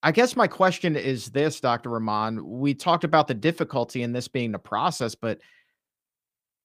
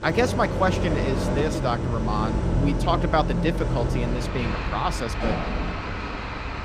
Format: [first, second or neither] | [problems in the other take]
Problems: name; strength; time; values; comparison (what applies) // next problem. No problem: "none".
first | traffic noise; very loud; throughout; as loud as the speech